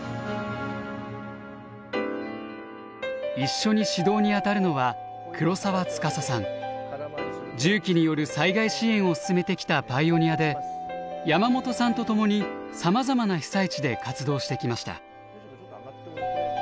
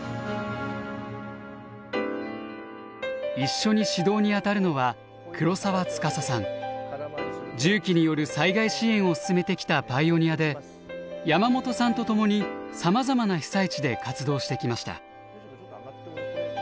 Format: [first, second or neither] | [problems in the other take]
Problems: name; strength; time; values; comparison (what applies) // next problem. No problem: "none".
second | background sound (Keyboard (musical)); 13 dB below the speech